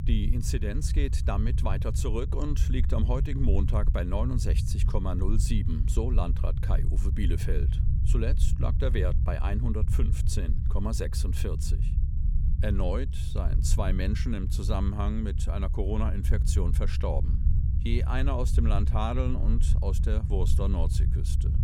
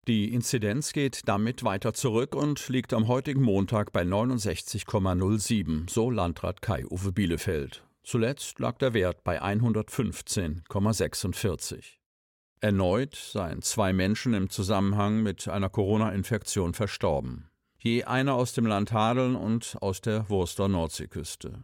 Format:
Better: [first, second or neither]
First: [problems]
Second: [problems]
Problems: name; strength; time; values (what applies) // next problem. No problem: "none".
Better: second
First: low rumble; loud; throughout; 8 dB below the speech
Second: none